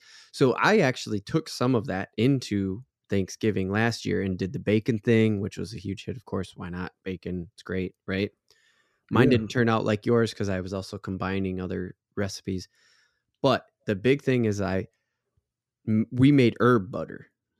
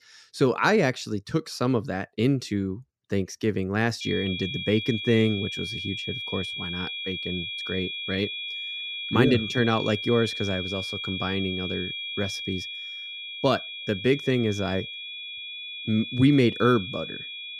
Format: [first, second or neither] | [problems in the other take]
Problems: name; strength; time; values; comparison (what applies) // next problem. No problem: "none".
first | high-pitched whine; loud; from 4 s on; 3.5 kHz, 6 dB below the speech